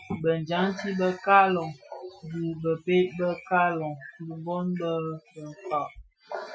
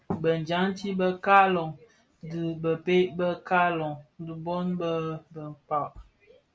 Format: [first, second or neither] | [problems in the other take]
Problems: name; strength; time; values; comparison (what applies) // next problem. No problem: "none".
second | noise reduction (classical method Wiener filter)